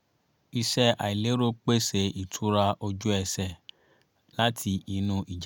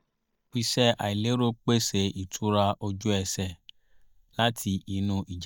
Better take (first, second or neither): first